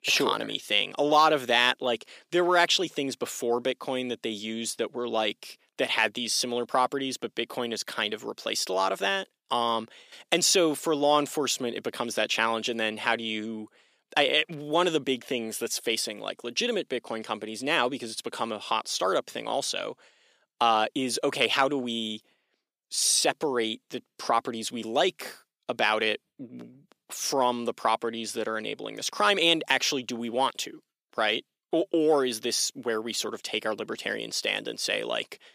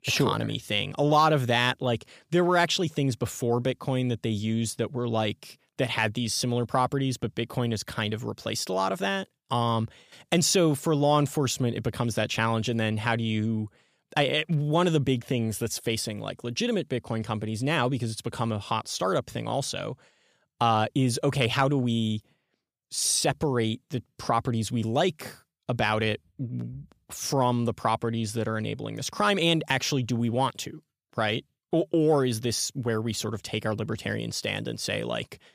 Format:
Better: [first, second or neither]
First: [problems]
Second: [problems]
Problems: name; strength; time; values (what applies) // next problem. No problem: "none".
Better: second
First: thin; somewhat; fading below 300 Hz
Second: none